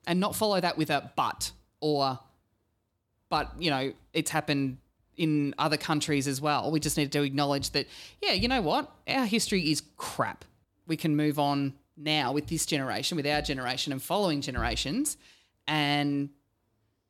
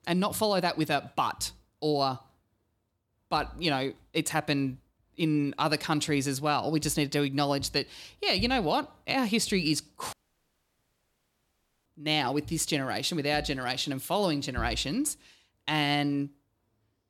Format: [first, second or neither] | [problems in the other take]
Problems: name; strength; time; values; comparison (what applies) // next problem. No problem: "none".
first | audio cutting out; at 10 s for 1.5 s